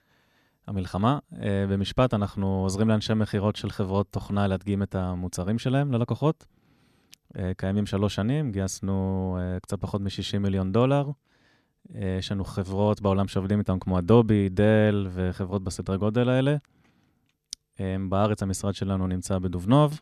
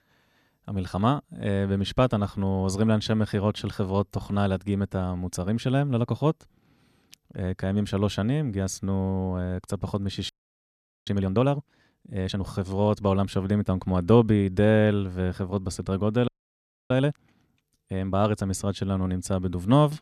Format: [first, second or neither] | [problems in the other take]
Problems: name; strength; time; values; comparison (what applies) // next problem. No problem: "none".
first | audio freezing; at 10 s for 1 s and at 16 s for 0.5 s